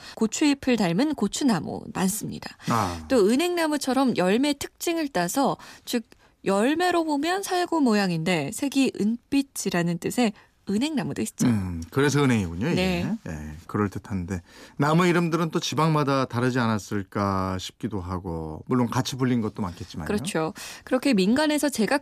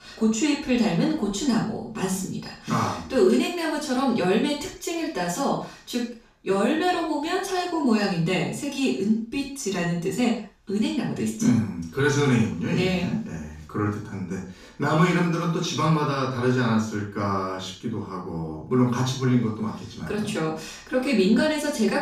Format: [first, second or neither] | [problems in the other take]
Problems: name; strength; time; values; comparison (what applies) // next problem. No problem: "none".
first | room echo; noticeable; dies away in 0.4 s // off-mic speech; far